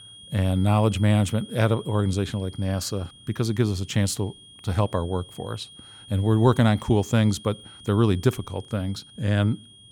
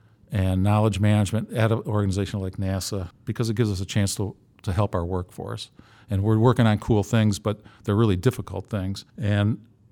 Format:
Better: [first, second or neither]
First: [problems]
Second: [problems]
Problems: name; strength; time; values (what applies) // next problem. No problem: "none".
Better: second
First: high-pitched whine; faint; throughout; 3.5 kHz, 20 dB below the speech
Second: none